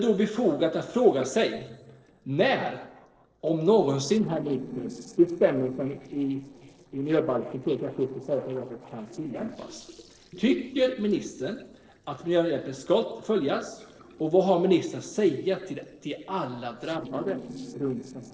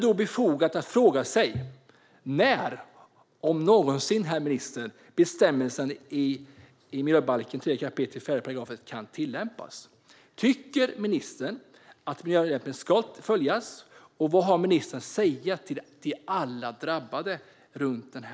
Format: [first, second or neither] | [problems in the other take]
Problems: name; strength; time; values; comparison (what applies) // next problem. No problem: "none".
second | noise reduction (neural separator model SepFormer DNS4)